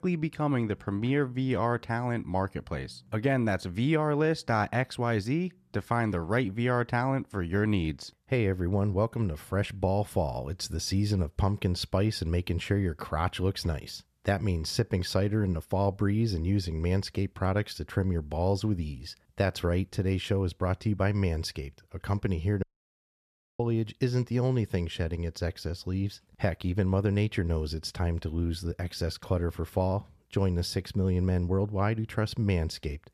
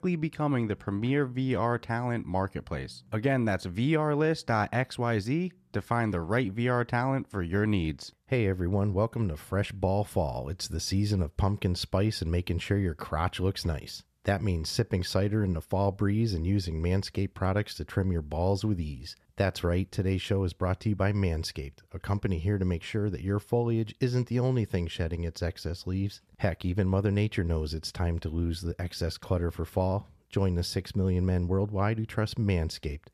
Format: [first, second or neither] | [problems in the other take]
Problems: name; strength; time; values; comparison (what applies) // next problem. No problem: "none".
second | audio cutting out; at 23 s for 1 s